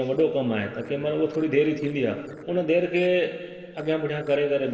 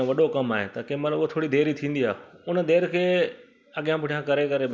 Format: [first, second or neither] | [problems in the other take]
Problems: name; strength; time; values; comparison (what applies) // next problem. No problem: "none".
second | noise reduction (neural separator model SepFormer DNS4)